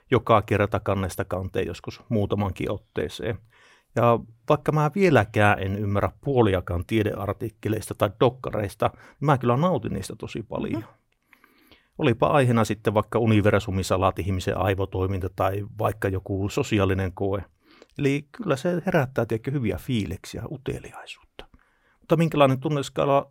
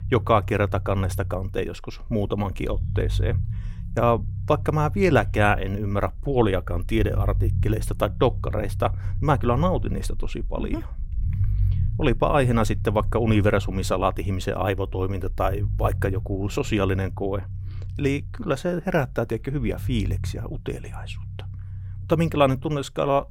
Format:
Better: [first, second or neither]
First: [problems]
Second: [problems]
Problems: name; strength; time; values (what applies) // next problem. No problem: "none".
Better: first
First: none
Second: low rumble; faint; throughout; 20 dB below the speech